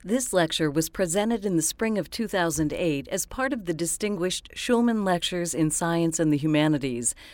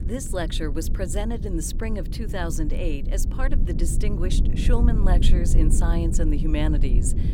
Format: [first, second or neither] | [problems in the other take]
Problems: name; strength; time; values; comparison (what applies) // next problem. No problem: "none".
first | low rumble; loud; throughout; 7 dB below the speech